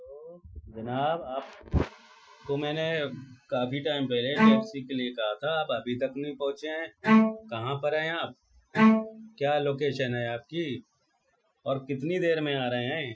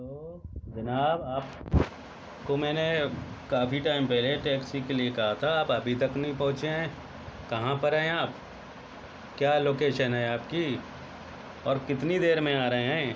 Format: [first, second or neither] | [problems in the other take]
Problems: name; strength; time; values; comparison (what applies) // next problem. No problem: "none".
second | noise reduction (classical method Wiener filter)